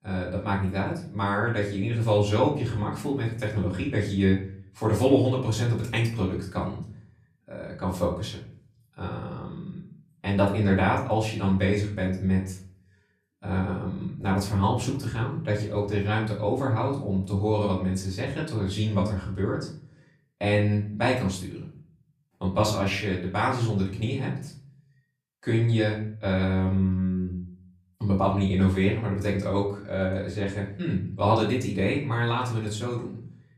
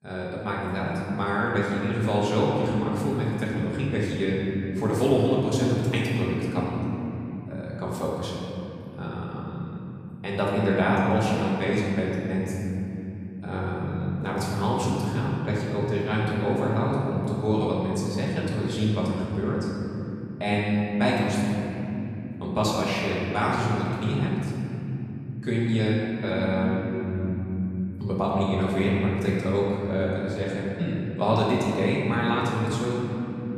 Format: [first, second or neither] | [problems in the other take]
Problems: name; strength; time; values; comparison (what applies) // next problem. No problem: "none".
first | room echo; strong; dies away in 3 s; slight in the first // off-mic speech; far; far in the first